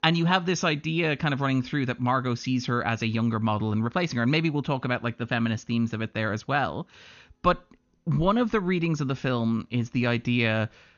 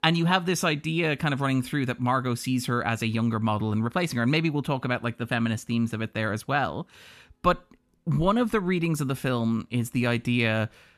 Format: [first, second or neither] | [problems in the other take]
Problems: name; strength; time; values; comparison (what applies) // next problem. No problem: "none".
second | garbled, watery; slightly; nothing above 6.5 kHz